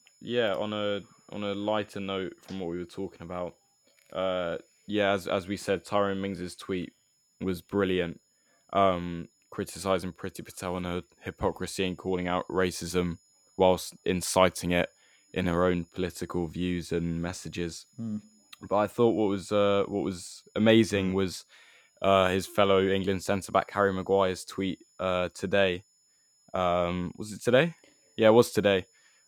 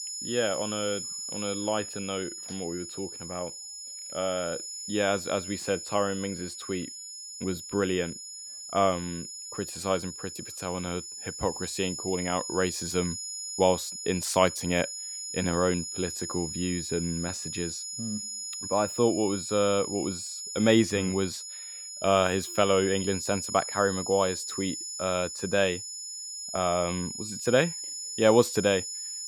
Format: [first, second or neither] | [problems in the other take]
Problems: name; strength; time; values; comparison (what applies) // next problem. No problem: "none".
first | high-pitched whine; loud; throughout; 7 kHz, 6 dB below the speech; faint in the first